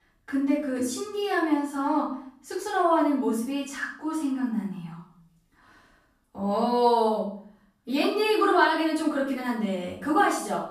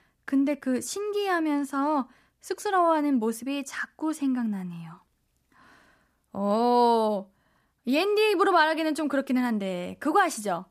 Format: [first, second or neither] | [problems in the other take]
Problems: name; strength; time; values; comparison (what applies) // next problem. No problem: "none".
second | room echo; noticeable; dies away in 0.5 s // off-mic speech; far